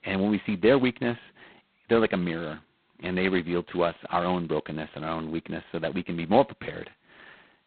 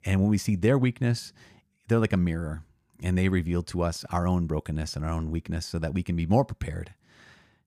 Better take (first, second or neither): second